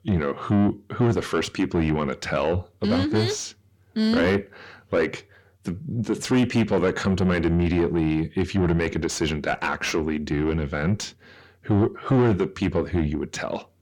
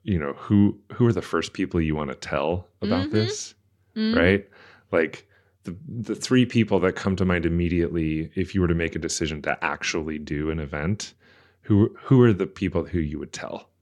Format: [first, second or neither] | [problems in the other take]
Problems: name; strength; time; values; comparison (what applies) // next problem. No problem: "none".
second | distortion; heavy; 7 dB below the speech